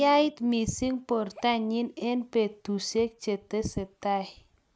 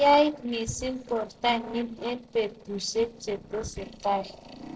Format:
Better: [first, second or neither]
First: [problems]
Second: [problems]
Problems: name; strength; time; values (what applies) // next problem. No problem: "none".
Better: first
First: none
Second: noise reduction (neural separator model SepFormer DNS4)